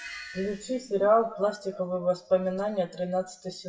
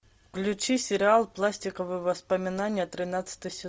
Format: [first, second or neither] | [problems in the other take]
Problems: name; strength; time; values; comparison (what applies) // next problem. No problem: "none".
second | noise reduction (classical method WPE with log-MMSE)